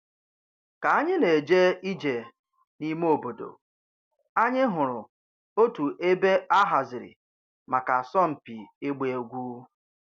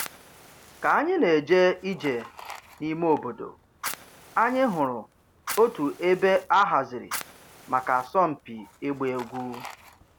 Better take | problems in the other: first | background sound (Fire); 16 dB below the speech

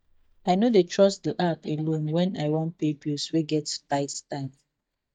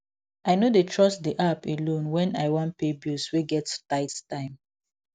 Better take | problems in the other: second | noise reduction (neural mask model DeepFilterNet 3)

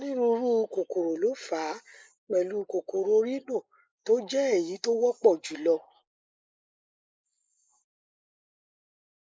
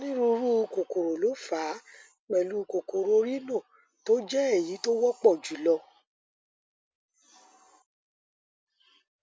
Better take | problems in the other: second | noise reduction (neural mask model Resemble Enhance denoiser)

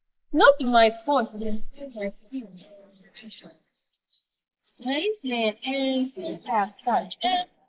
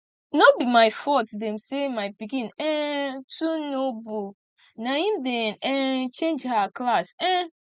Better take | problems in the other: second | noise reduction (neural mask model Resemble Enhance denoiser)

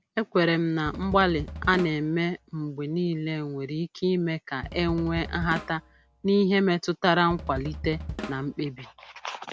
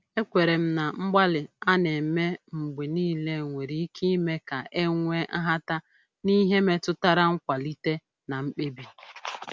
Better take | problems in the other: second | background sound (Drum kit); 12 dB below the speech

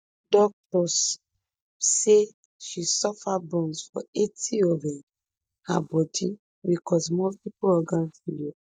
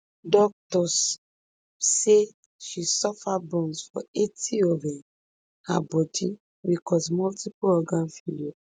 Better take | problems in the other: second | noise reduction (neural mask model DeepFilterNet 3)

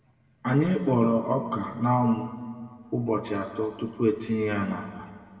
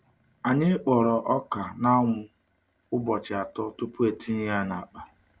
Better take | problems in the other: second | room echo; dies away in 1.9 s

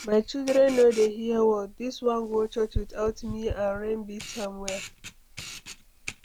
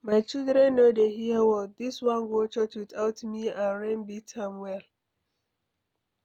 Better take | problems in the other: second | background sound (Camera); 13 dB below the speech

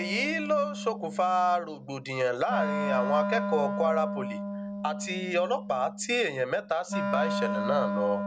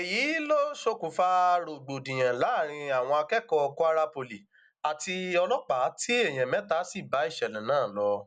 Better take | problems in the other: second | background sound (Wind instrument, woodwind instrument); 4 dB below the speech

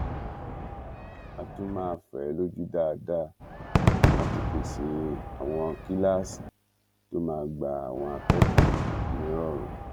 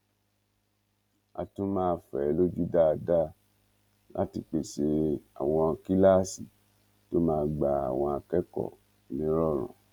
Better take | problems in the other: second | background sound (Crowd / Cheering / Fireworks); 3 dB above the speech

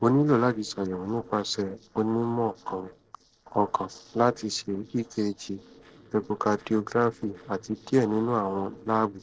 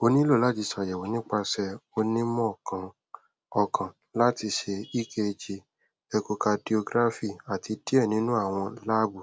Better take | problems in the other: second | noise reduction (neural separator model SepFormer DNS4)

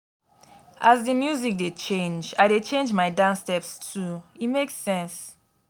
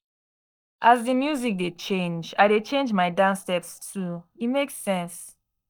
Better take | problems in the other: first | noise reduction (neural mask model DeepFilterNet 3)

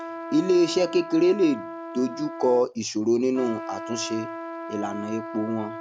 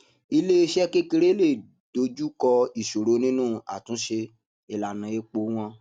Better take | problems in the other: second | background sound (Trumpet); 11 dB below the speech

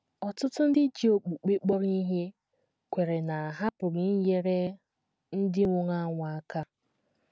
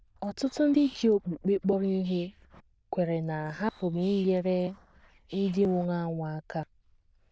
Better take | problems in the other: first | noise reduction (neural diffusion model UNIVERSE++)

